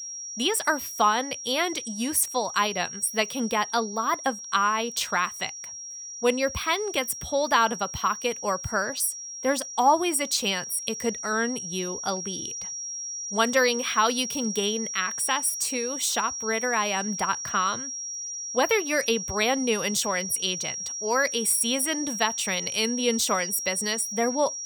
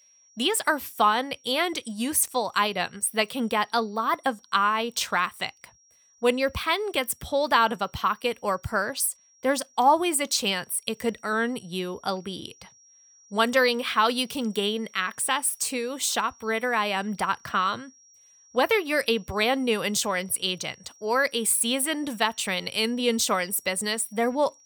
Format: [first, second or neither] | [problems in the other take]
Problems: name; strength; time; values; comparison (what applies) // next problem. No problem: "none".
second | high-pitched whine; loud; throughout; 5.5 kHz, 6 dB below the speech; faint in the second